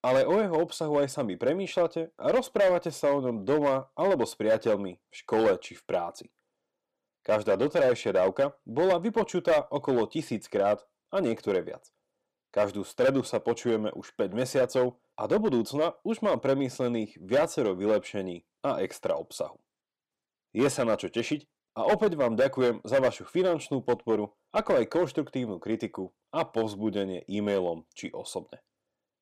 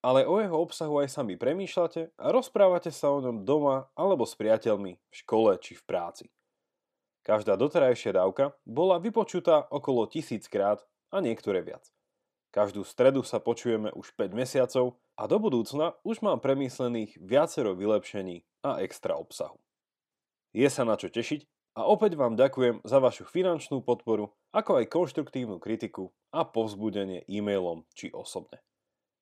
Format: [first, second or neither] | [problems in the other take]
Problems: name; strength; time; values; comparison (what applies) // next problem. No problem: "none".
second | distortion; slight; 5% of the sound clipped